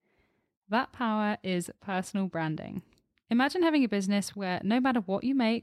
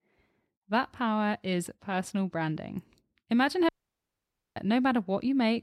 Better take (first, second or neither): first